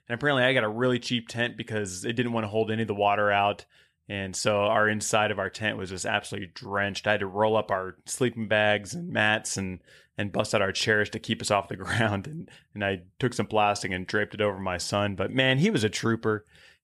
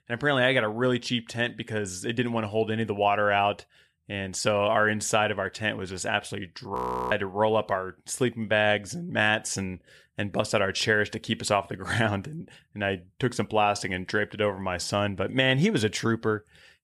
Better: first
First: none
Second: audio freezing; at 7 s

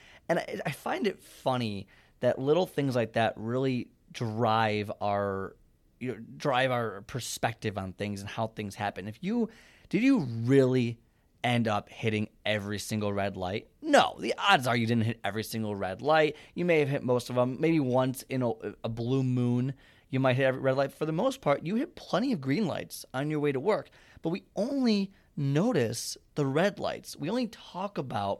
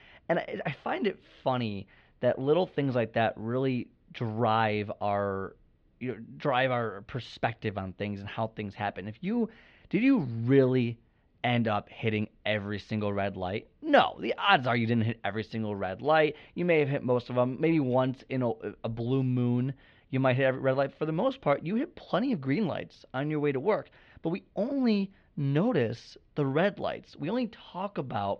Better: first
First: none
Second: muffled; slightly; fading above 3.5 kHz

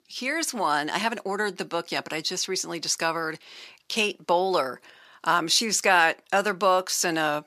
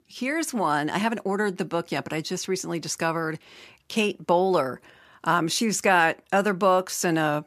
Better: second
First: thin; very slightly; fading below 500 Hz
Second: none

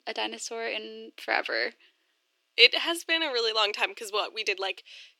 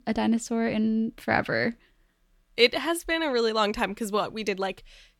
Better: second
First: thin; very; fading below 350 Hz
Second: none

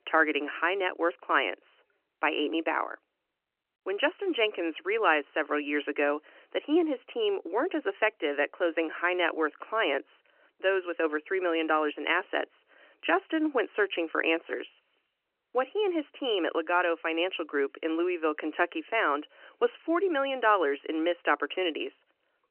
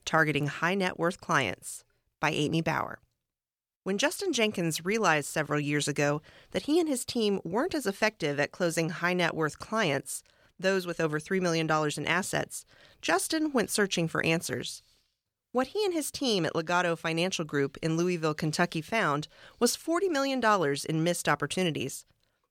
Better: second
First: phone-call audio; nothing above 3 kHz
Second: none

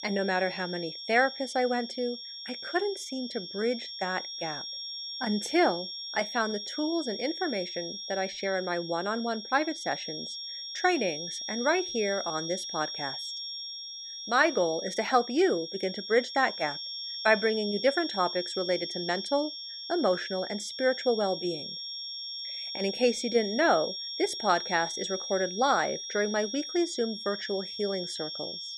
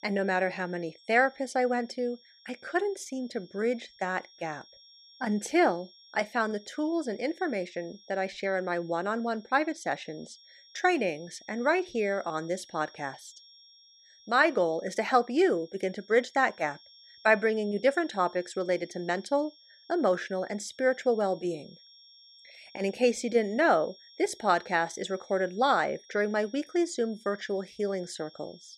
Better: second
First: high-pitched whine; loud; throughout; 5.5 kHz, 6 dB below the speech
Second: high-pitched whine; faint; throughout; 5.5 kHz, 25 dB below the speech

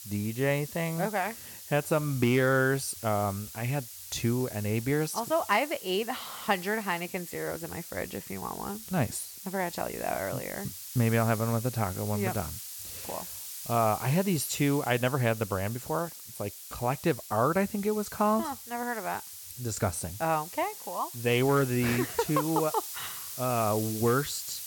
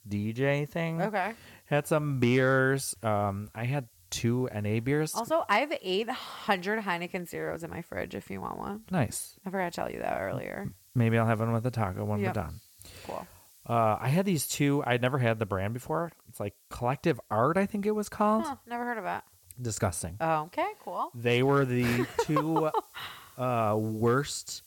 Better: second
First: hiss; loud; throughout; 10 dB below the speech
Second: hiss; faint; throughout; 30 dB below the speech

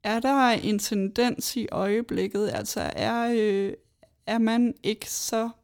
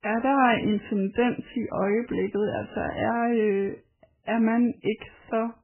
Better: first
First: none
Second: garbled, watery; badly; nothing above 3 kHz

